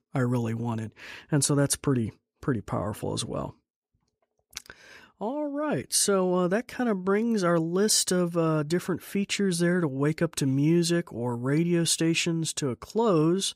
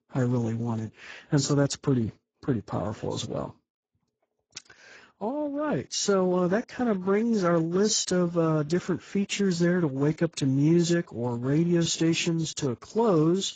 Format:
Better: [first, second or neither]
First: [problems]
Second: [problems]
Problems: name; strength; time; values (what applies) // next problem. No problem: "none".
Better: first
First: none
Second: garbled, watery; badly; nothing above 7.5 kHz